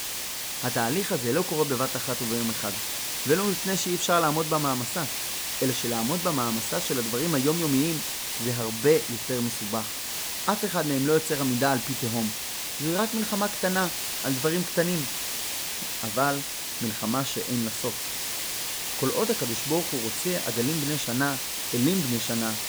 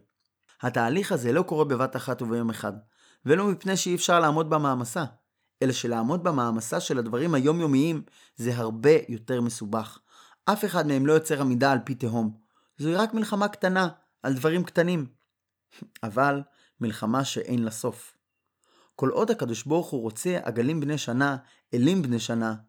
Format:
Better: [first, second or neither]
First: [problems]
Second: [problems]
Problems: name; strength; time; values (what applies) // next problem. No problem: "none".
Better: second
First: hiss; loud; throughout; 1 dB below the speech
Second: none